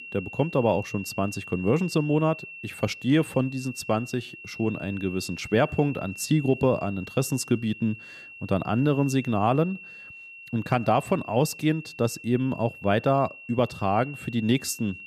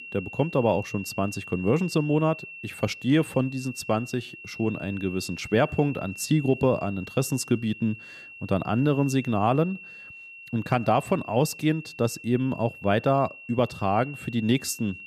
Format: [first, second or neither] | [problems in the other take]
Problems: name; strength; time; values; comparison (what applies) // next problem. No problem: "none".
neither | high-pitched whine; noticeable; throughout; 2.5 kHz, 15 dB below the speech; the same in both